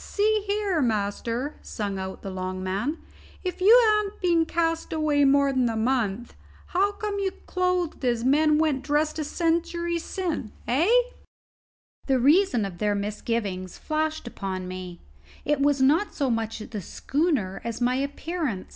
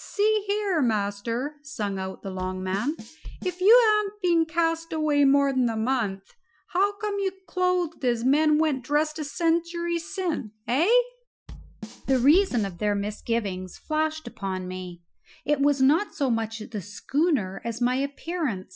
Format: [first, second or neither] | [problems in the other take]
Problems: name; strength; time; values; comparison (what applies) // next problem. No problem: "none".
first | noise reduction (classical method Wiener filter)